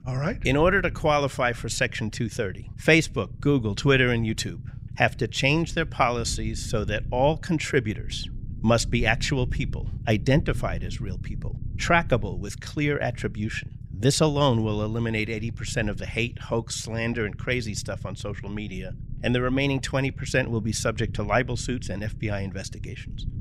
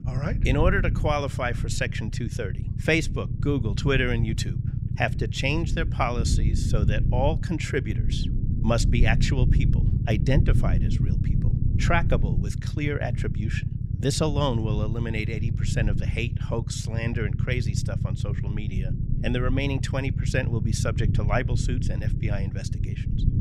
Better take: first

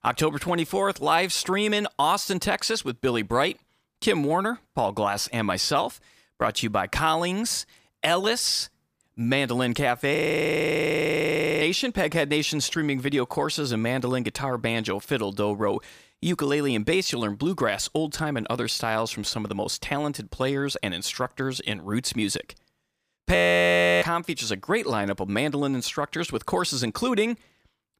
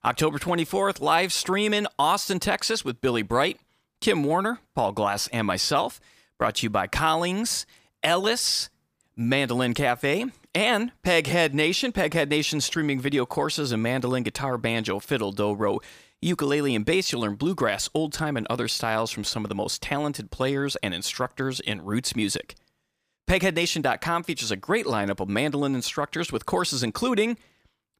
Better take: second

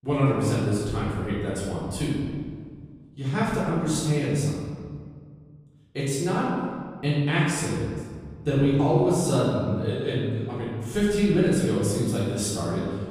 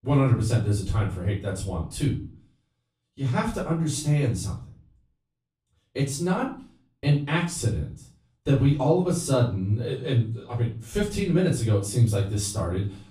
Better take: second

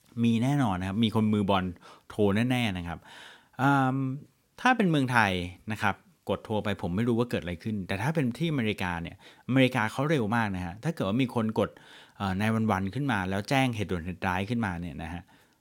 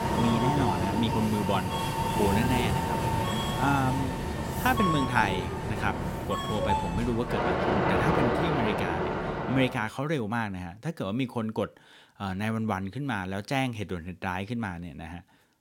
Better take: first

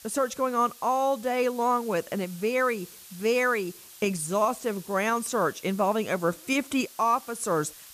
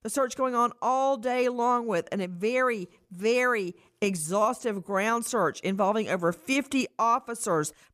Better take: second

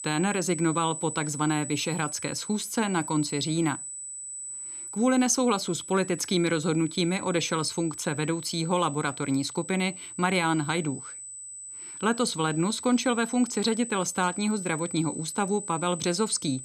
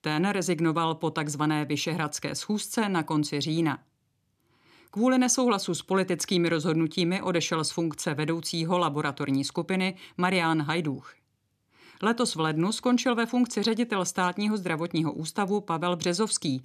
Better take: second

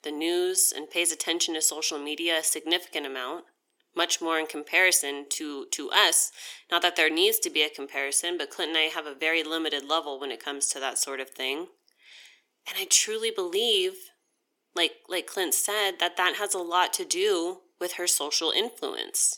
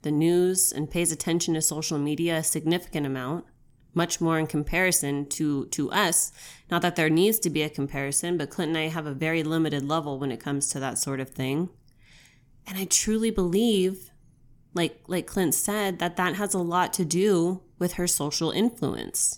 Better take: second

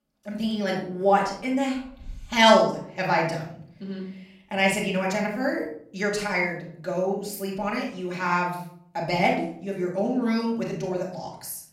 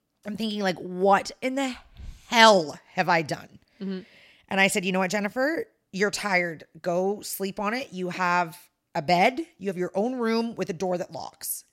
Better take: second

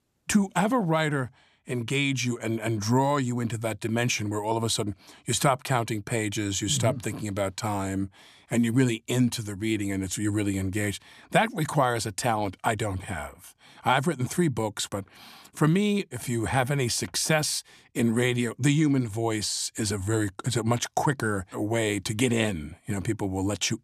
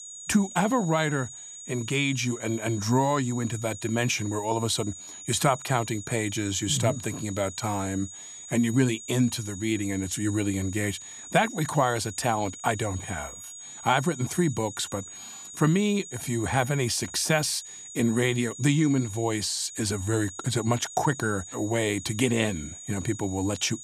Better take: first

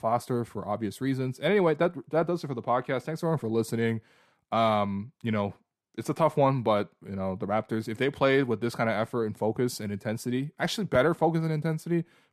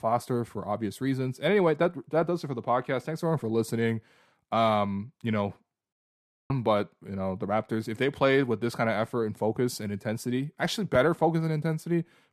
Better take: first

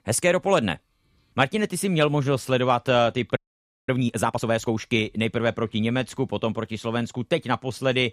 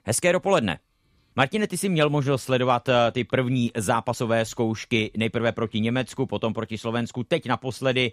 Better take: second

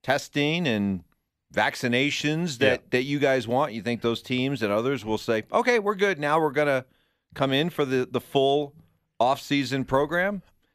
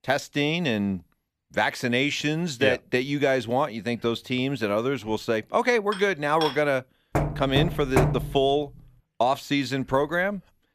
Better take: first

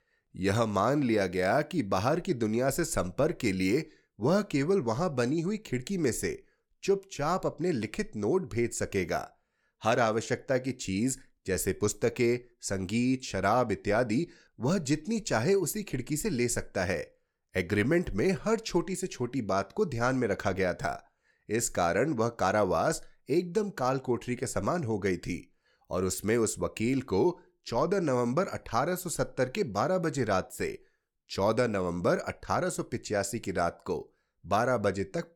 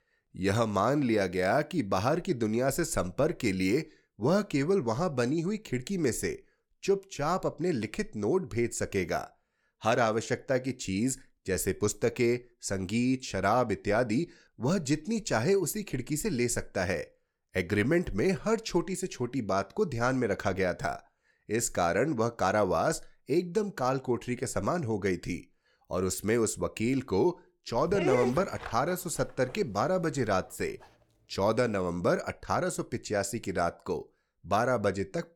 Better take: first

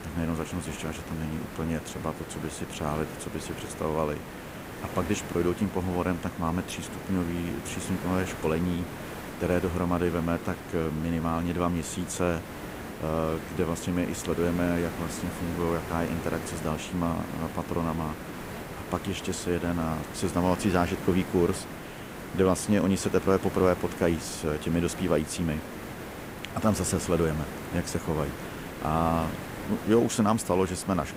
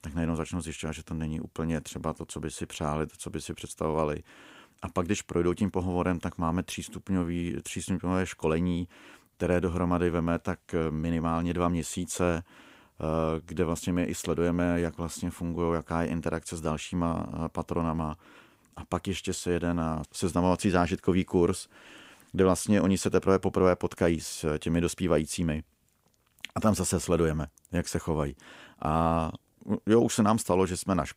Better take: second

